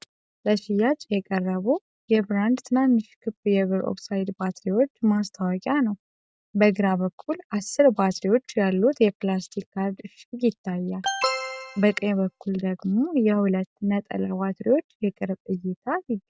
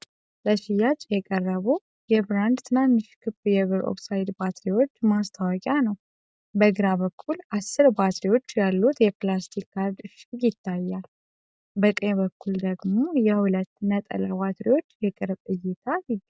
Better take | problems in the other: second | background sound (Alarm); 6 dB below the speech

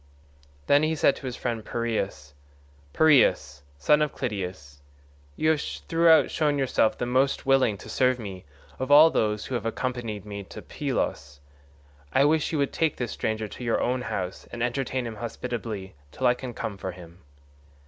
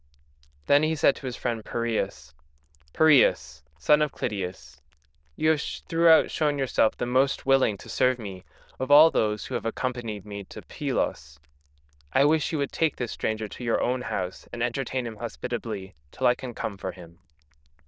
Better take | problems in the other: first | noise reduction (neural diffusion model UNIVERSE++)

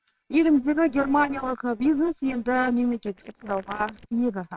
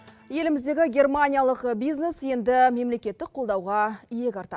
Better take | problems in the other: second | noise reduction (neural separator model SepFormer WHAMR!)

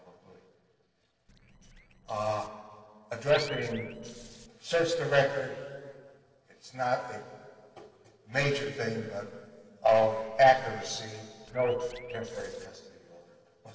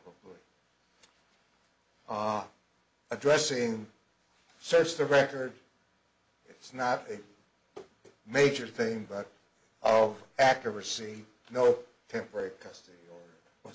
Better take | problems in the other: second | noise reduction (neural separator model SepFormer DNS4)

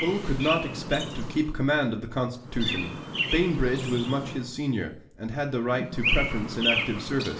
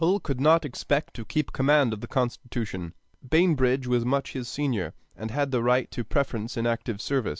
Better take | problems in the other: second | background sound (Chirp, tweet); 5 dB below the speech // room echo; dies away in 0.5 s

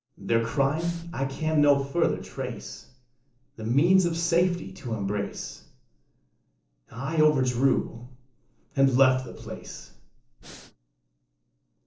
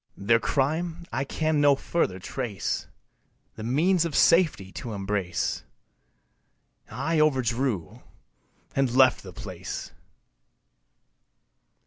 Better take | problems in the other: second | noise reduction (neural separator model SepFormer DNS4)

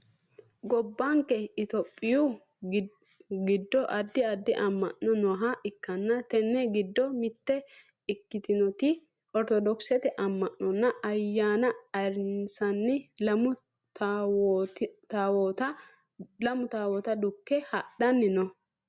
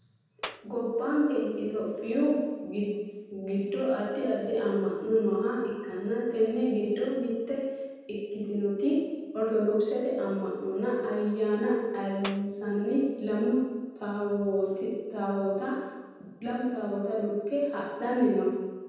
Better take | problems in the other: first | background sound (Clapping); 12 dB below the speech // room echo; dies away in 1.2 s

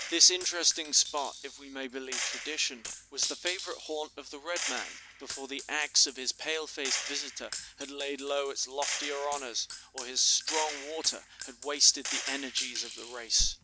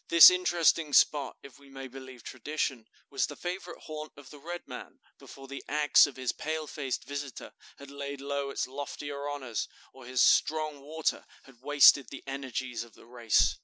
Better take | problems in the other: second | background sound (Gunshot, gunfire); 8 dB below the speech

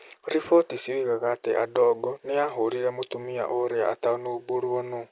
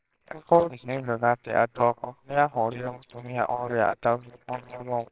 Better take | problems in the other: first | noise reduction (neural separator model SepFormer WHAMR!)

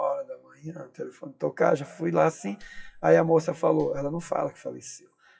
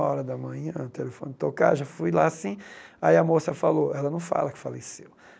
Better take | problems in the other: second | noise reduction (classical method WPE with log-MMSE)

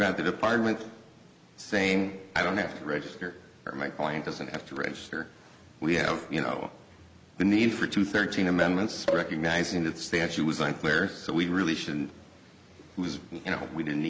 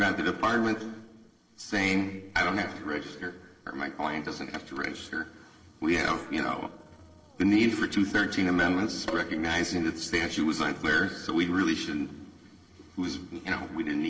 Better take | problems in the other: first | noise reduction (neural separator model SepFormer DNS4)

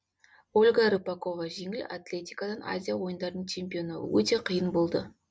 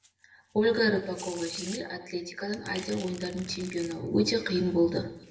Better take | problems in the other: first | background sound (Domestic sounds, home sounds); 18 dB below the speech // room echo; dies away in 1 s

